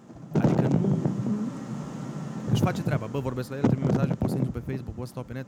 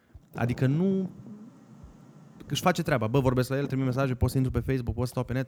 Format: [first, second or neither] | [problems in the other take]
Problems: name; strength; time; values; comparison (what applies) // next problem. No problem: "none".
second | wind noise on the microphone; heavy; 3 dB above the speech; occasional gusts in the second